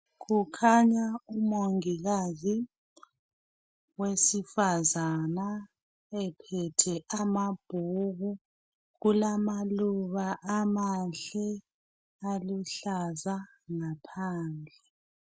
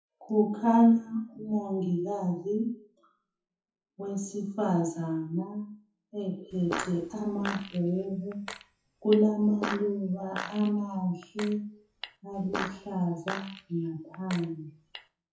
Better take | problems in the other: first | noise reduction (classical method WPE with log-MMSE)

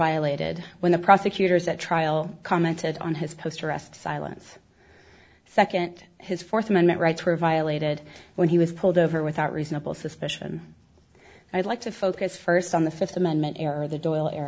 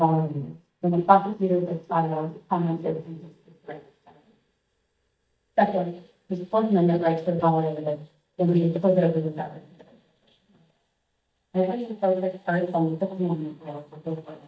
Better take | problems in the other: first | noise reduction (neural mask model DeepFilterNet 3)

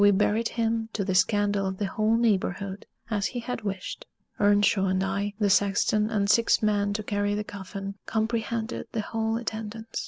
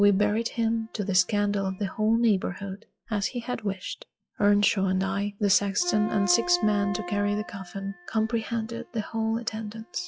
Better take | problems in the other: first | noise reduction (classical method log-MMSE)

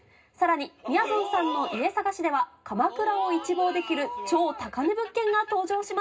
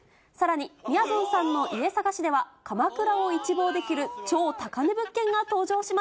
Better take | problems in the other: second | room echo; dies away in 0.2 s

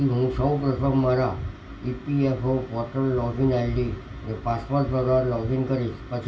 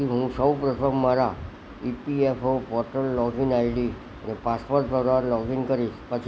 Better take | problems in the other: second | room echo; dies away in 0.2 s

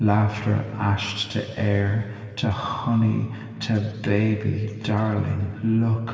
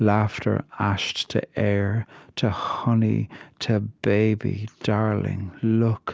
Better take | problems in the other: second | room echo; dies away in 2.6 s

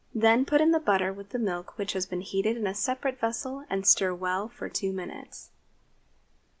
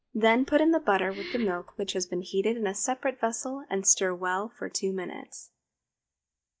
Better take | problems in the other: first | noise reduction (neural mask model DeepFilterNet 3)

